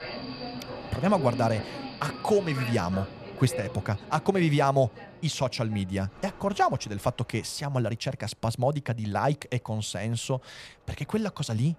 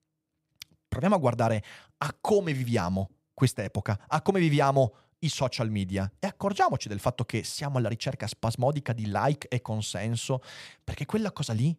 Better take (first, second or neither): second